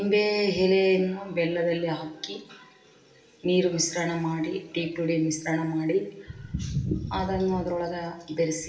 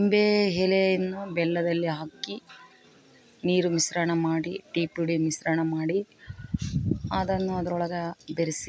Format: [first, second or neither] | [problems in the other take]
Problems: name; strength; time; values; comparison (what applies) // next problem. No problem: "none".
second | room echo; dies away in 0.7 s